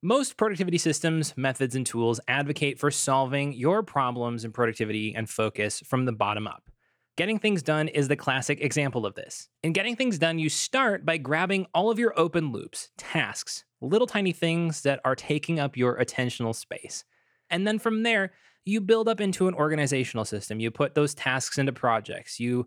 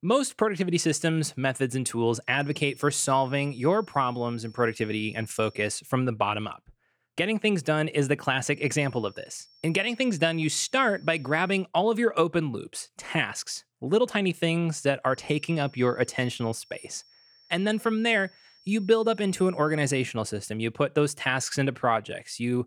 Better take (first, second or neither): first